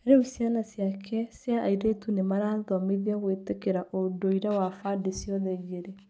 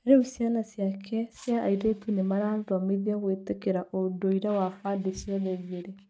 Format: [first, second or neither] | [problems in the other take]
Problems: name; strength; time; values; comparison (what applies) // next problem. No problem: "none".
first | noise reduction (neural mask model RNNoise)